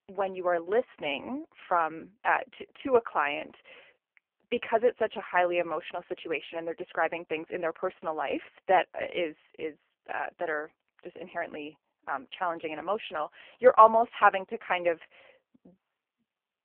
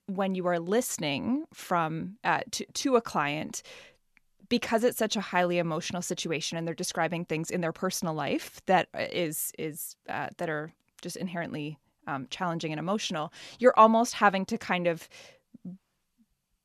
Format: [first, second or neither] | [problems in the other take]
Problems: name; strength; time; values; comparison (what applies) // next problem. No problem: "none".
second | phone-call audio; poor line